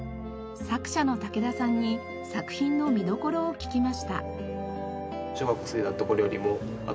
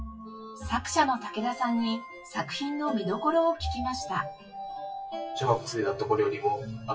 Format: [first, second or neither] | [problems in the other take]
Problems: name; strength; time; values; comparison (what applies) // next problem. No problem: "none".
first | noise reduction (classical method WPE with log-MMSE)